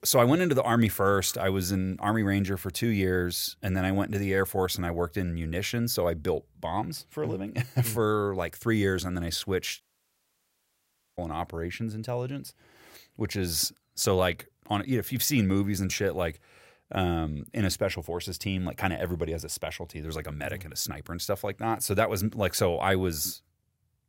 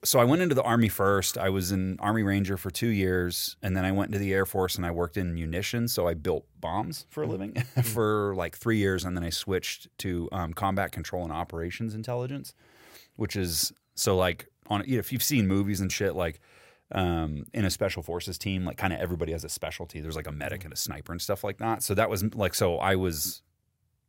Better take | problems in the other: second | audio cutting out; at 10 s for 1.5 s

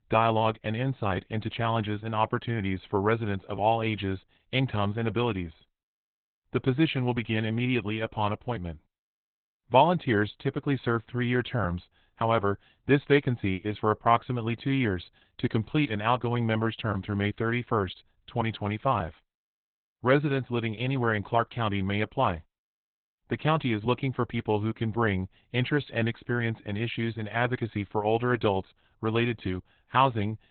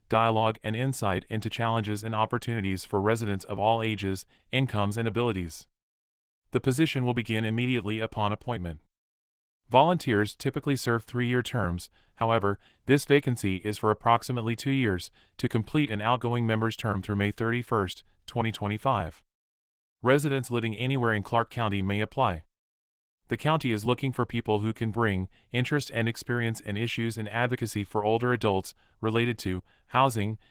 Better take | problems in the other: second | garbled, watery; badly; nothing above 3.5 kHz; slightly in the second

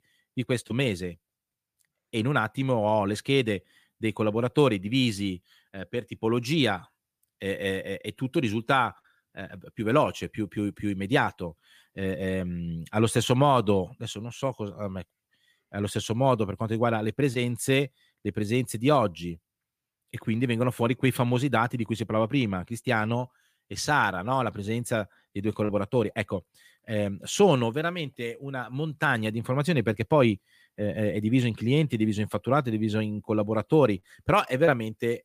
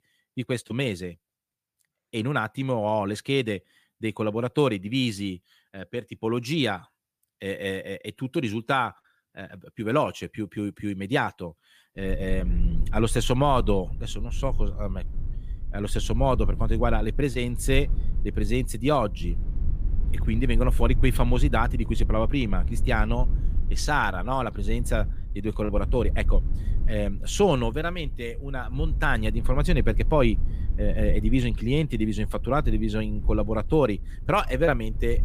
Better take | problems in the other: first | low rumble; faint; from 12 s on; 20 dB below the speech

